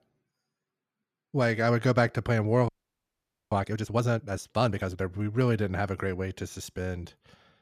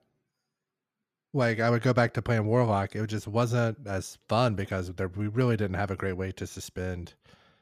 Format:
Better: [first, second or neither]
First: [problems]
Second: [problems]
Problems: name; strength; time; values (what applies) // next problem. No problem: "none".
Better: second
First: audio freezing; at 2.5 s for 1 s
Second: none